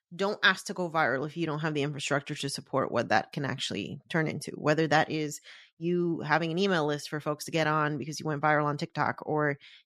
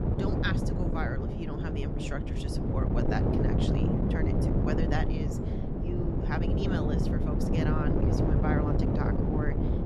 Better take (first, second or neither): first